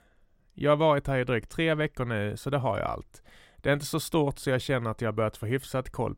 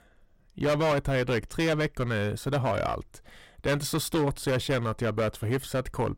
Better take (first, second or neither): first